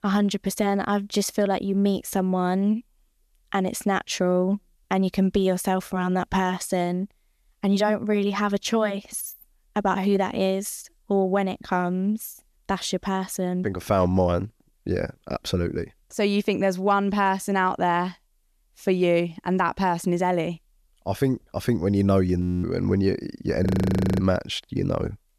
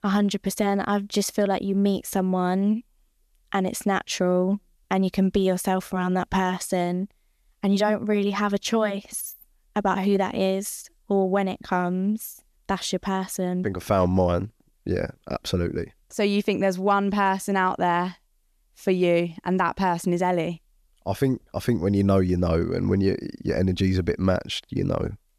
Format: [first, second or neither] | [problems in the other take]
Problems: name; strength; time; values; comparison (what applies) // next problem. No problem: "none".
second | audio freezing; at 22 s and at 24 s for 0.5 s